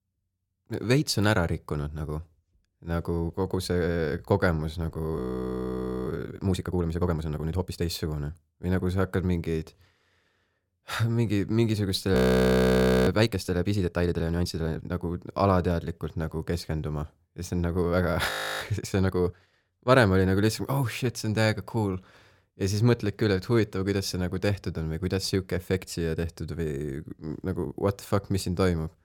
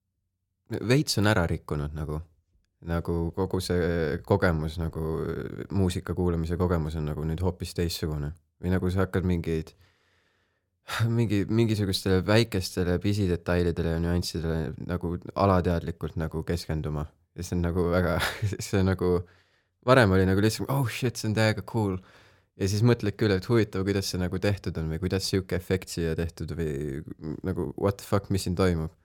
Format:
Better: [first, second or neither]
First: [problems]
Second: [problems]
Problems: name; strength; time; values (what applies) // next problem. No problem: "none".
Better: second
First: audio freezing; at 5 s for 1 s, at 12 s for 1 s and at 18 s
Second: none